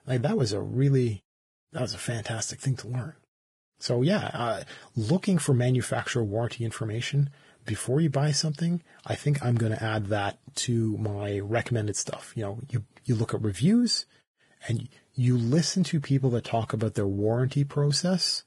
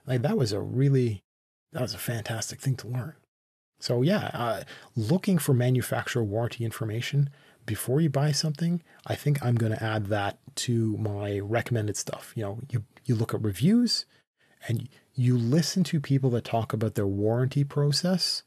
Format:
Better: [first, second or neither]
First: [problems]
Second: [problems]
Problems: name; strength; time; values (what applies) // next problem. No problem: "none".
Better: second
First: garbled, watery; badly; nothing above 10.5 kHz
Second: none